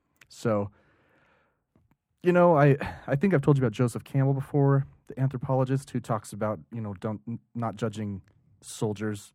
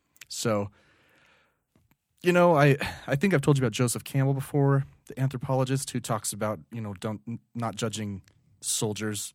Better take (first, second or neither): second